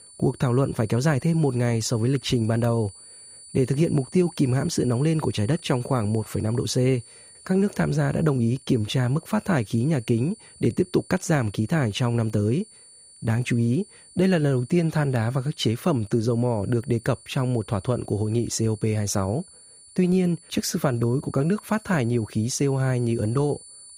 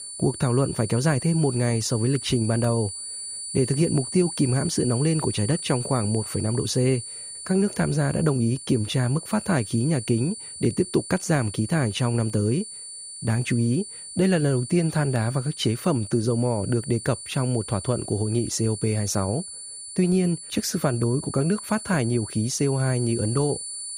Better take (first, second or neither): first